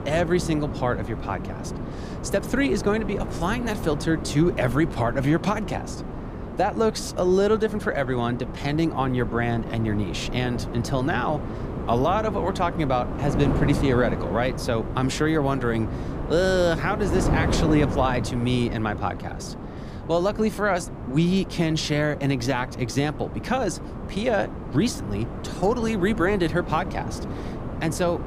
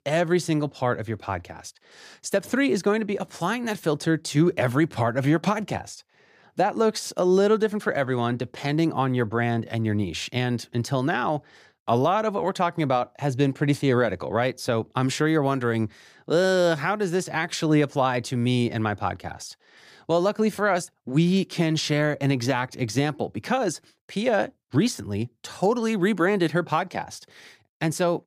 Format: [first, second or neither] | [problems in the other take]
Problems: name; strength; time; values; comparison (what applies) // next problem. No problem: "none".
second | wind noise on the microphone; heavy; 10 dB below the speech